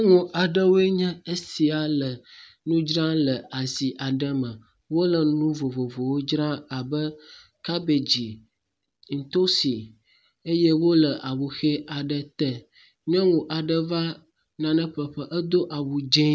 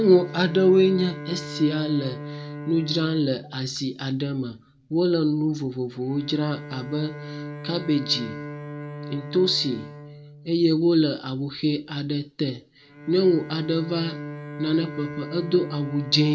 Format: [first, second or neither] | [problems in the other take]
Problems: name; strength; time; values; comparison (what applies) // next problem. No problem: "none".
first | background sound (Bowed string instrument); 13 dB below the speech // room echo; dies away in 0.3 s